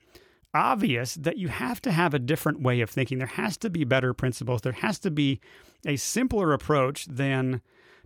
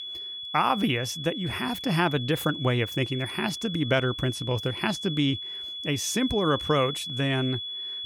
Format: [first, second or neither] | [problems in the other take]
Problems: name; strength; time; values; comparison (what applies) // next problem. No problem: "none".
first | high-pitched whine; loud; throughout; 3.5 kHz, 6 dB below the speech